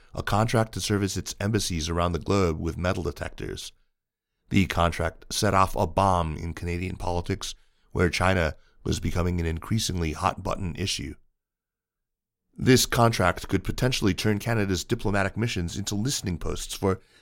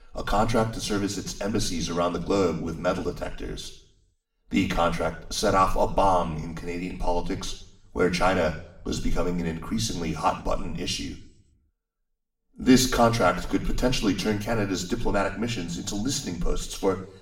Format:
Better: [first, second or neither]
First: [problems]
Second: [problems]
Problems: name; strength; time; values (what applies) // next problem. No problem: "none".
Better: first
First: none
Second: room echo; slight; dies away in 0.5 s // off-mic speech; far